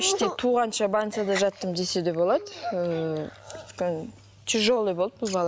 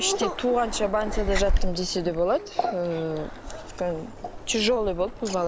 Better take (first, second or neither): first